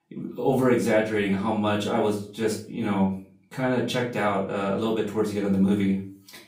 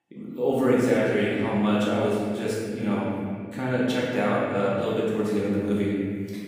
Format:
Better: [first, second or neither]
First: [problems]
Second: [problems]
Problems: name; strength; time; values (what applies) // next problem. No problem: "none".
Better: first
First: room echo; slight; dies away in 0.4 s // off-mic speech; far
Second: room echo; strong; dies away in 2.4 s // off-mic speech; far